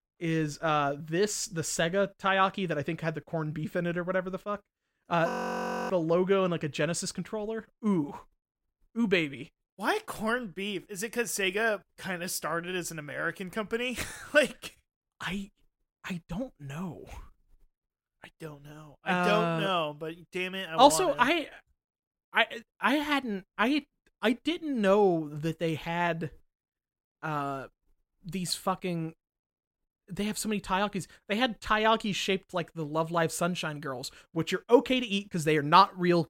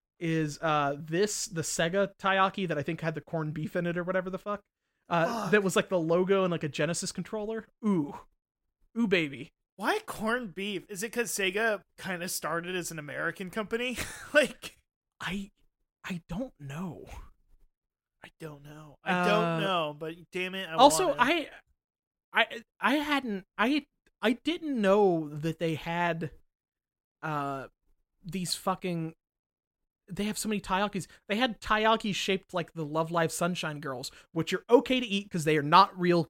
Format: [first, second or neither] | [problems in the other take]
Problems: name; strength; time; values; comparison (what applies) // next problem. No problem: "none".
second | audio freezing; at 5.5 s for 0.5 s